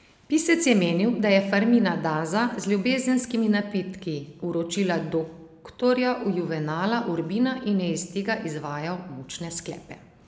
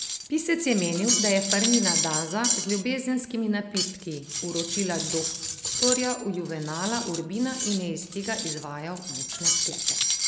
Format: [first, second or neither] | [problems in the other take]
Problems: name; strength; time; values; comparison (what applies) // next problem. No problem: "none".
first | background sound (Cutlery, silverware); 1 dB below the speech